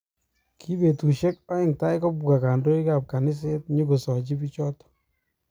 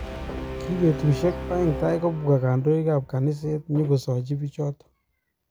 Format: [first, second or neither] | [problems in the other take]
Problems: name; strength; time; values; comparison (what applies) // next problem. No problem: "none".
first | background sound (Brass instrument + Walk, footsteps); 11 dB below the speech